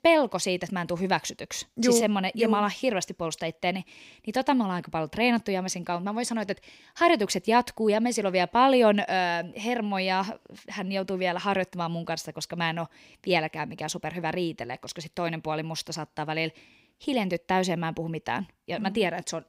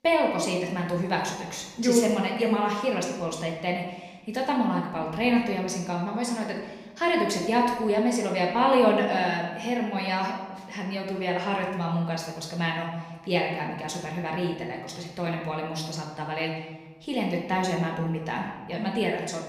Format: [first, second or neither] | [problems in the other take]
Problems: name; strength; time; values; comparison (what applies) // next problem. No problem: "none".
first | room echo; noticeable; dies away in 1 s // off-mic speech; somewhat distant